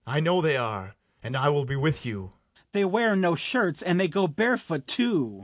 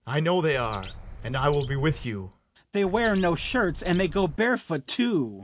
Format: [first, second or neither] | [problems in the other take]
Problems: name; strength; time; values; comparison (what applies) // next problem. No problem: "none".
first | background sound (Bird); 13 dB below the speech